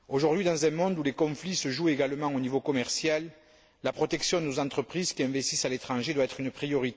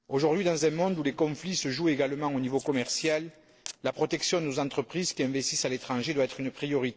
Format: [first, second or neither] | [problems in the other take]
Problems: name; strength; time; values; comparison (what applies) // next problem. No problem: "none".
first | noise reduction (neural separator model SepFormer DNS4)